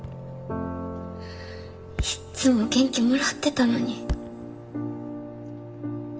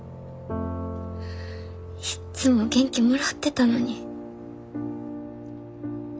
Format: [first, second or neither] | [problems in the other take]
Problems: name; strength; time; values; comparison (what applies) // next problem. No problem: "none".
second | background sound (Thump, thud); 13 dB below the speech // room echo; dies away in 1.7 s